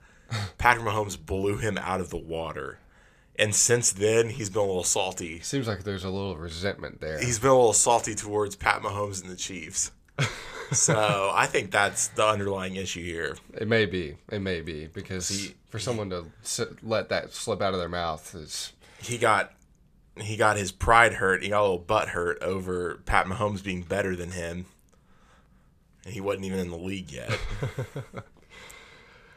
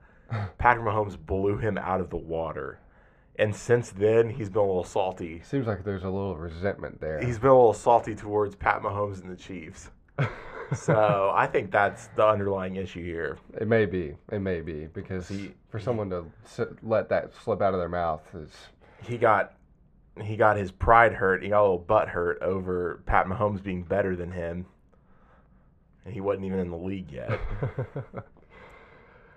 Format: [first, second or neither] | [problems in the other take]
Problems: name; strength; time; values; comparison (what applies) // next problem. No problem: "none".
first | muffled; very; fading above 3 kHz